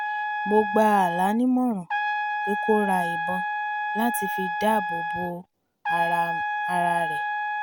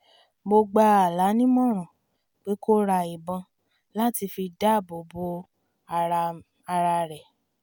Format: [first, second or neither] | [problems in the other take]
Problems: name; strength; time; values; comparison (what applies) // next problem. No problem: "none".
second | background sound (Trumpet); 2 dB below the speech